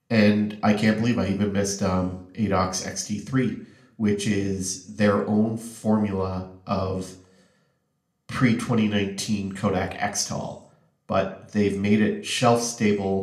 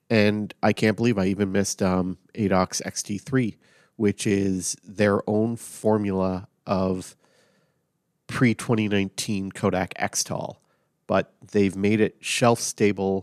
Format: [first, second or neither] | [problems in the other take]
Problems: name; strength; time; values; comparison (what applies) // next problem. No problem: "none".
second | room echo; very slight; dies away in 0.4 s